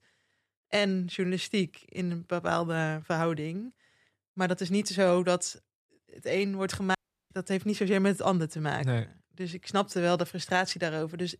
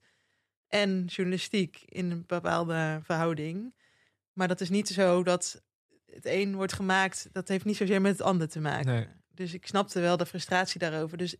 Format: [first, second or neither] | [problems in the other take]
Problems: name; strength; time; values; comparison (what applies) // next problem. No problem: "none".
second | audio cutting out; at 7 s